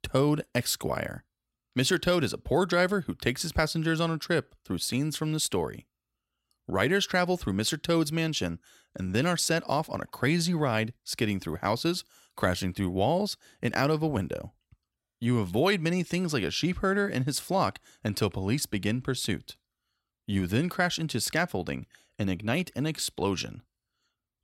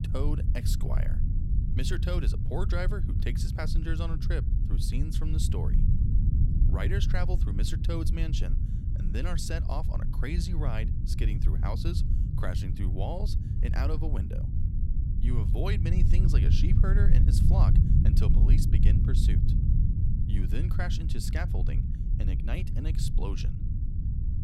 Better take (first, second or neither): first